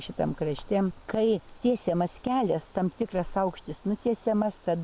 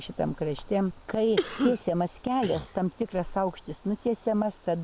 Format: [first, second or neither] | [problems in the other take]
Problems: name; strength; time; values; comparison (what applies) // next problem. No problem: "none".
first | background sound (Cough); 5 dB below the speech